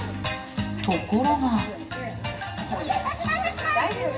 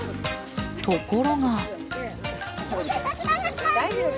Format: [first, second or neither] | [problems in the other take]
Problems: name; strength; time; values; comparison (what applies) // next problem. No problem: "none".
second | room echo; dies away in 0.9 s